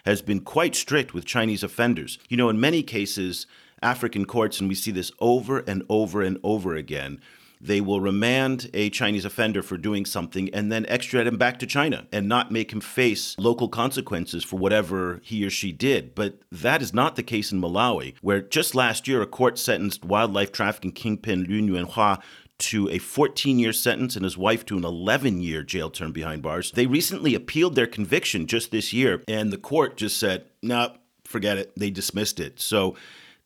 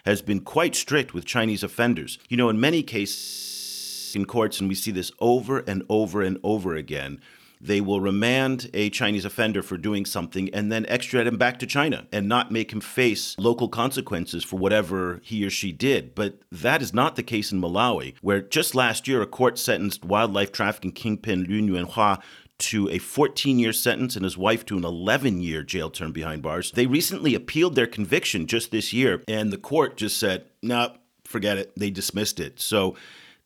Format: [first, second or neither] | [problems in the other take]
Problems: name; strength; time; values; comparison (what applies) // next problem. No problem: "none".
first | audio freezing; at 3 s for 1 s